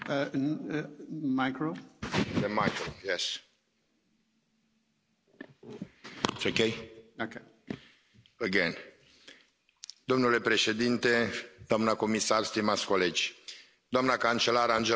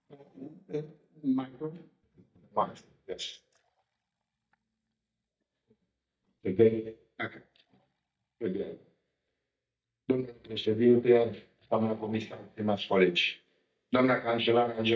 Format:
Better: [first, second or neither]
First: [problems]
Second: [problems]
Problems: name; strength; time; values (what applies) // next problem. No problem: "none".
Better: first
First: none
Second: noise reduction (neural mask model DeepFilterNet 3)